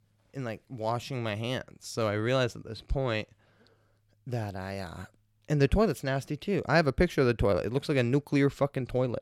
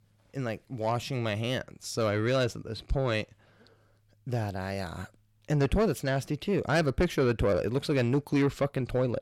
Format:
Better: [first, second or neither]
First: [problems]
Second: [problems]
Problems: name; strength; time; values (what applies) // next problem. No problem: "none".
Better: first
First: none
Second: distortion; slight; 10 dB below the speech